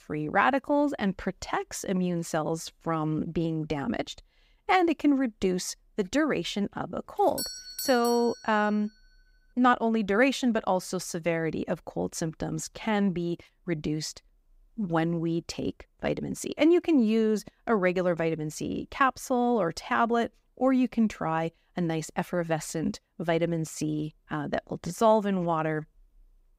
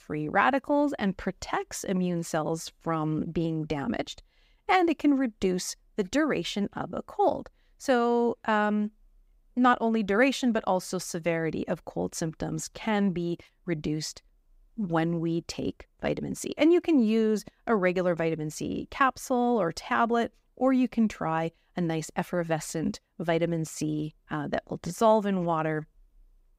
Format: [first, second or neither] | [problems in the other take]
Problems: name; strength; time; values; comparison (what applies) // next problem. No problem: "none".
second | doorbell; noticeable; from 7.5 to 8.5 s; peak 5 dB below the speech